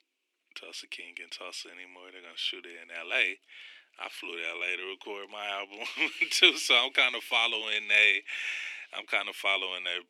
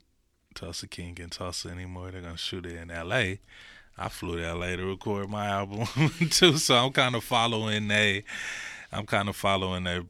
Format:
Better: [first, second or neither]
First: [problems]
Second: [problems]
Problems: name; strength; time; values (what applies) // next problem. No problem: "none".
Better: second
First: thin; very; fading below 300 Hz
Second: none